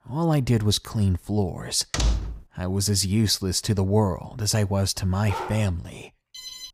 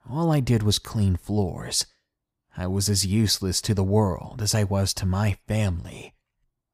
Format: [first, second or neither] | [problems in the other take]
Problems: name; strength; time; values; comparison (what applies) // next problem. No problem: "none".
second | door banging; noticeable; at 2 s; peak 1 dB below the speech // dog barking; noticeable; at 5.5 s; peak 9 dB below the speech // alarm; faint; at 6.5 s; peak 10 dB below the speech